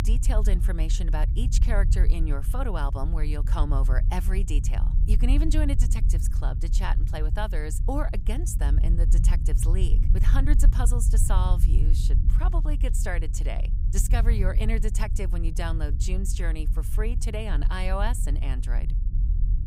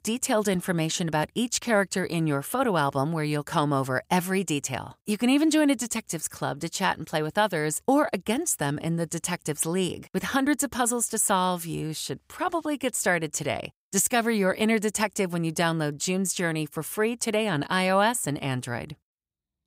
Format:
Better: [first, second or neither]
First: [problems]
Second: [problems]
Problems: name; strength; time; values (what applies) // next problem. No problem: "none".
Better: second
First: low rumble; loud; throughout; 10 dB below the speech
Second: none